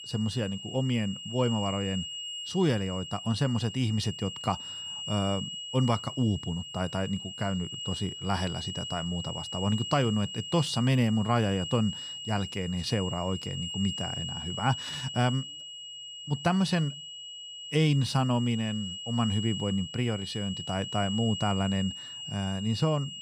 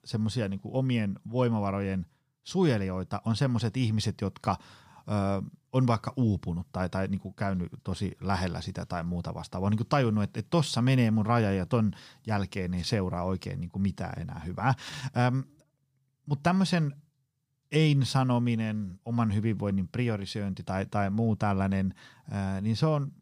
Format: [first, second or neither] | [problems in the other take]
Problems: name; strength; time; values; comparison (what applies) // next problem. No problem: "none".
second | high-pitched whine; loud; throughout; 3 kHz, 7 dB below the speech